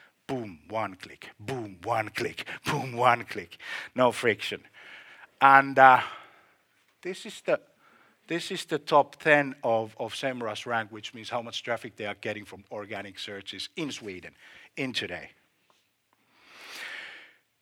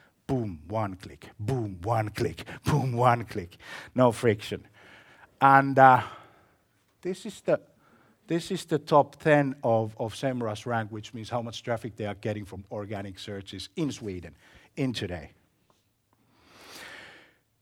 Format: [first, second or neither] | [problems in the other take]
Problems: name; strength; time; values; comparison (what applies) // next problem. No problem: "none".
second | thin; very slightly; fading below 350 Hz